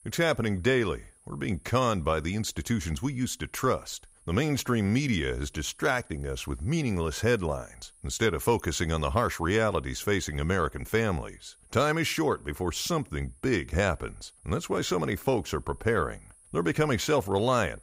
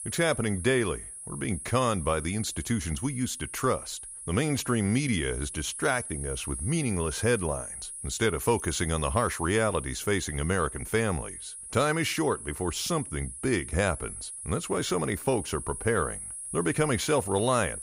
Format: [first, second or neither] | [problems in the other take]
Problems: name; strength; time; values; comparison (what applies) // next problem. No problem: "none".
first | high-pitched whine; loud; throughout; 10.5 kHz, 8 dB below the speech; faint in the first